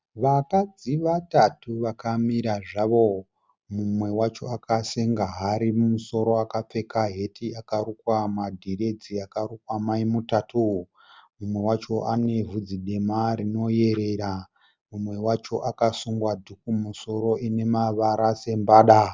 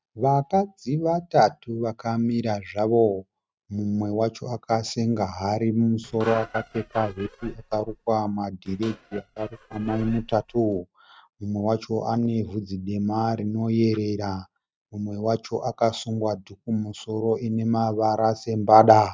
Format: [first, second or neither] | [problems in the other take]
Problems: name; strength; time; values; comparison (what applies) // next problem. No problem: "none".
first | noise reduction (neural mask model RNNoise)